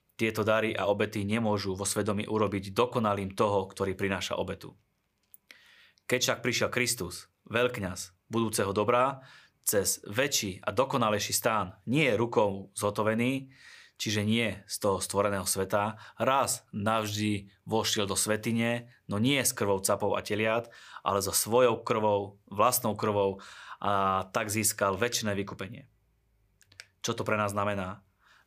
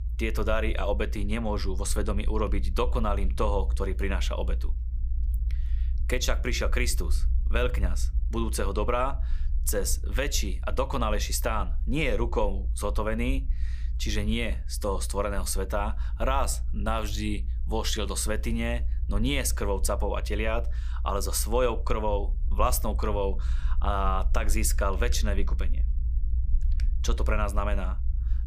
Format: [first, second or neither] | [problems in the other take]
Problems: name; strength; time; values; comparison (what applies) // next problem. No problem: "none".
first | low rumble; faint; throughout; 20 dB below the speech